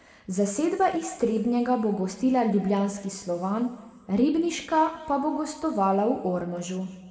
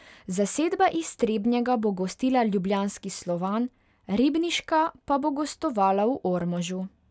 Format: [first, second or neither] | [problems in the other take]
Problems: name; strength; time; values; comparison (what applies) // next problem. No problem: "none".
second | room echo; dies away in 1.4 s